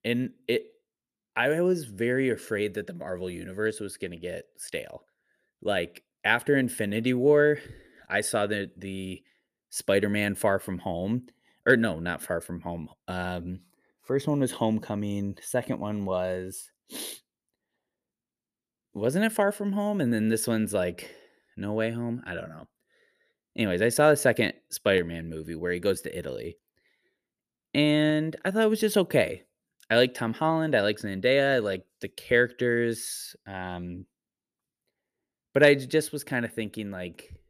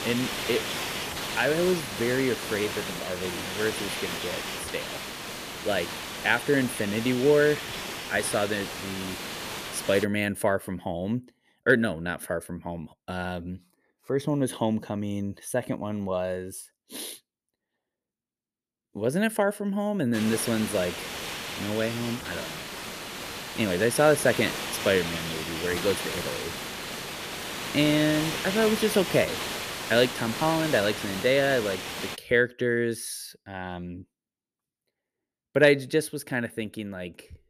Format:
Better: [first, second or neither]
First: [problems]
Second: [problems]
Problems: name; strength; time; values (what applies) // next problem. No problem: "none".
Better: first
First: none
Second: hiss; loud; until 10 s and from 20 to 32 s; 6 dB below the speech